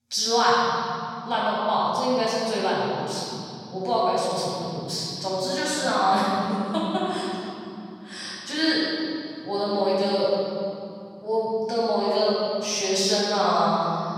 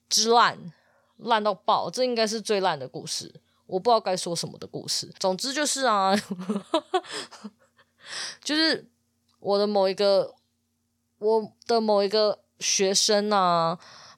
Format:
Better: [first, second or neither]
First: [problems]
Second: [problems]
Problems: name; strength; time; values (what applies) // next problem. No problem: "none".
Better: second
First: room echo; strong; dies away in 3 s // off-mic speech; far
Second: none